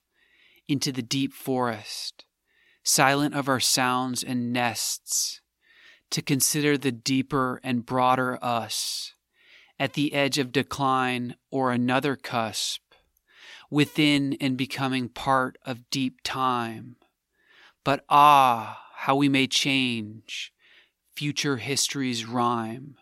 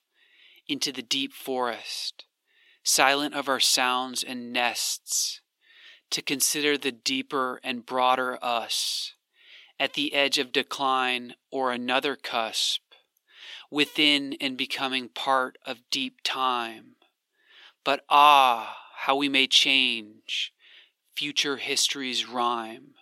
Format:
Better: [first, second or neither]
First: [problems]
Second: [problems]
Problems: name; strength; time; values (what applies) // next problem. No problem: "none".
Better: first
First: none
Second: thin; very slightly; fading below 400 Hz